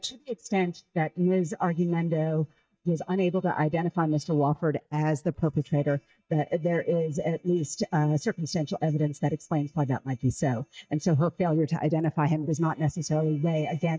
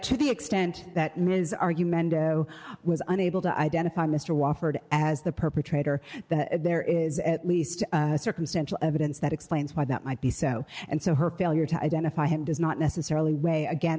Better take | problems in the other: second | noise reduction (neural mask model DeepFilterNet 3)

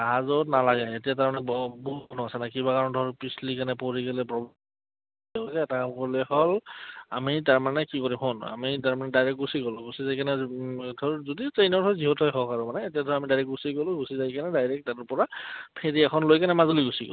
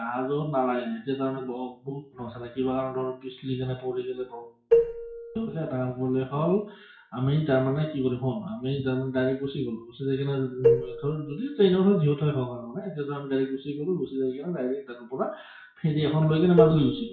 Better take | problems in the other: first | noise reduction (classical method WPE with log-MMSE)

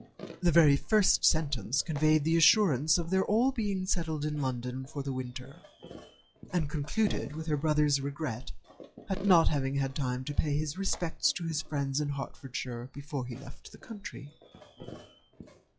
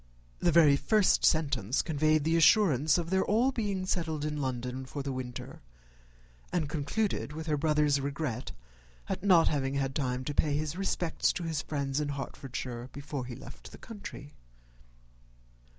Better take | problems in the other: second | noise reduction (classical method log-MMSE)

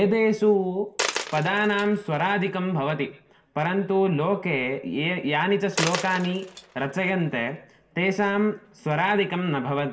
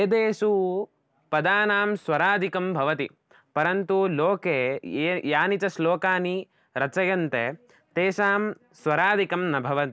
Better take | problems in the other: second | background sound (Coin (dropping)); 13 dB below the speech // room echo; dies away in 0.7 s

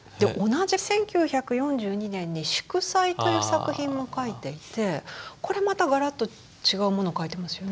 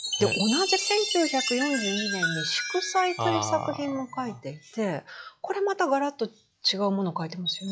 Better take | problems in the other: first | noise reduction (classical method log-MMSE)

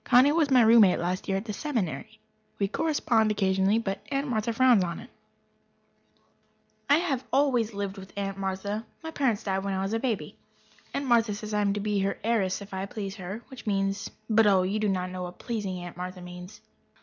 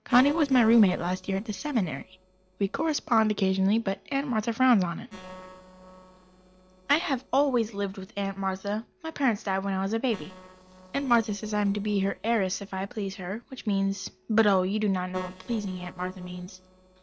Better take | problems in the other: first | noise reduction (neural separator model SepFormer DNS4)

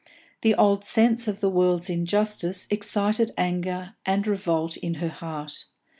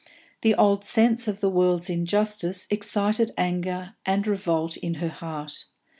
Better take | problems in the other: second | noise reduction (neural mask model Resemble Enhance denoiser)

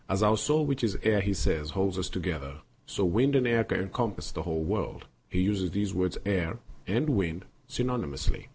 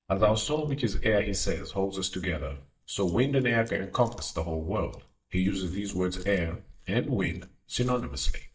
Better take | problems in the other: first | noise reduction (neural mask model DeepFilterNet 3)

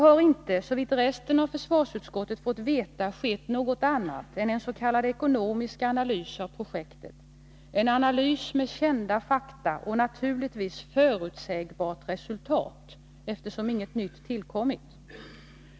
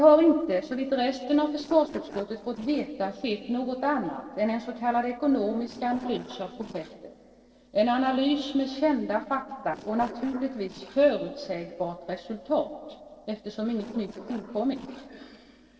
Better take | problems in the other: first | noise reduction (neural separator model SepFormer DNS4)

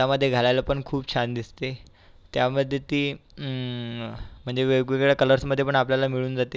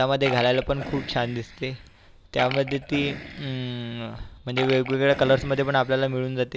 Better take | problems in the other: first | background sound (Burping, eructation); 12 dB below the speech

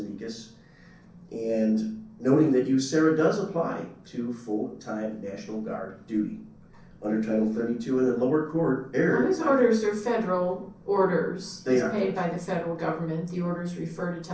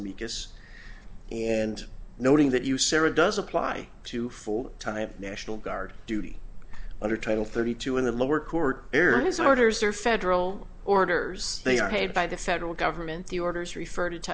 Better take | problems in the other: second | room echo; dies away in 0.6 s

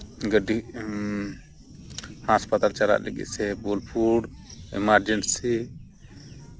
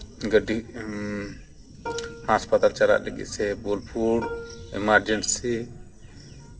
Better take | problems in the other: first | background sound (Plucked string instrument); 14 dB below the speech // room echo; dies away in 0.3 s

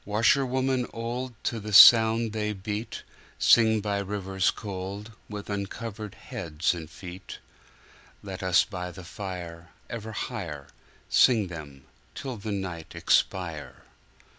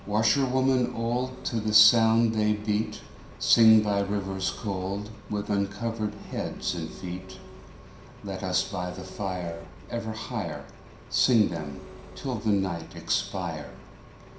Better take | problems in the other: first | background sound (Engine); 16 dB below the speech // room echo; dies away in 0.5 s

